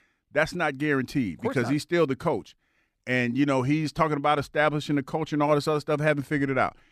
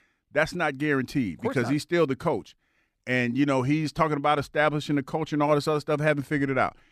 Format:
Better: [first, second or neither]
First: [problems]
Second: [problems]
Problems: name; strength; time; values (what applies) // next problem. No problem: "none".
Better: neither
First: none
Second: none